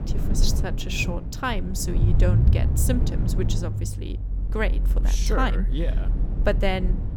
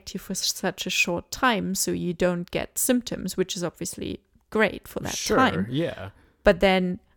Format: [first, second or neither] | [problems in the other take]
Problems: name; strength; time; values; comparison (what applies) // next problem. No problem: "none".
second | low rumble; loud; throughout; 9 dB below the speech